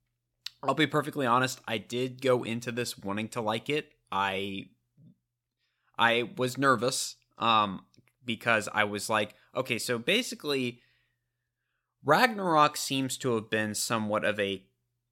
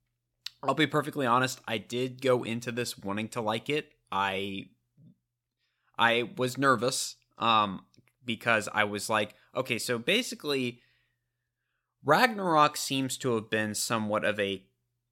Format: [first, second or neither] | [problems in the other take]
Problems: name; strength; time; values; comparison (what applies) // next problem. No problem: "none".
neither | none